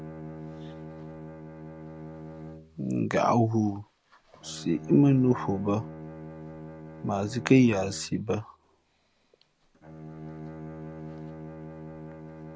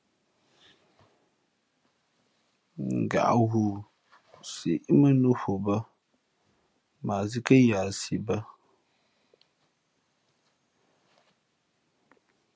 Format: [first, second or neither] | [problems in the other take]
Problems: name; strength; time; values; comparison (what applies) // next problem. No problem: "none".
second | background sound (Bowed string instrument); 13 dB below the speech